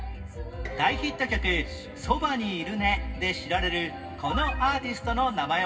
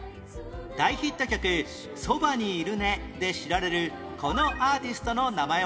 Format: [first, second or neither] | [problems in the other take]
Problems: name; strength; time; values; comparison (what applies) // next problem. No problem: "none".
second | background sound (Dishes, pots, and pans); 19 dB below the speech // room echo; dies away in 0.4 s